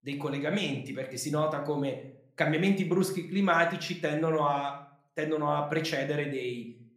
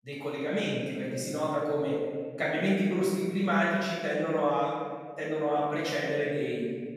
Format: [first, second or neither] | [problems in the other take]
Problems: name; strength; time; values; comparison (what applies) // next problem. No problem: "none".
first | room echo; strong; dies away in 1.8 s; slight in the first // off-mic speech; far